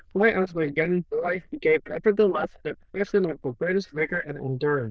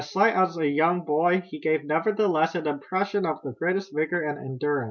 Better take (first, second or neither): second